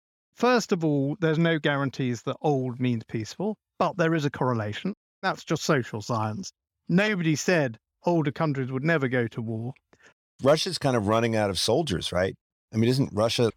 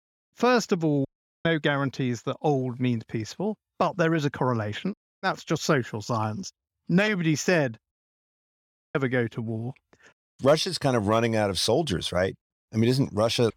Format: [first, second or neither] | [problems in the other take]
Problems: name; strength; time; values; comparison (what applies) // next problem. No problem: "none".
first | audio cutting out; at 1 s and at 8 s for 1 s